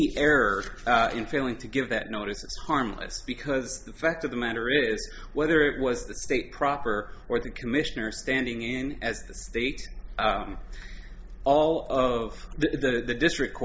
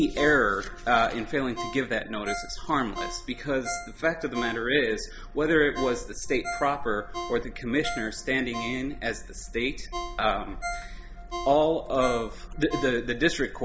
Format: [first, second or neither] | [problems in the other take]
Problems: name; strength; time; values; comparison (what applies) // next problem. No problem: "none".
first | background sound (Ringtone); 12 dB below the speech